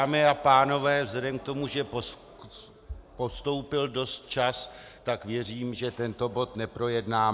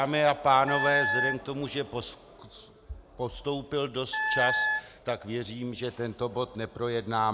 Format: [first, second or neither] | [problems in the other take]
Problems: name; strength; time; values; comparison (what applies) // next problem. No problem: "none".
first | background sound (Wind instrument, woodwind instrument); 1 dB above the speech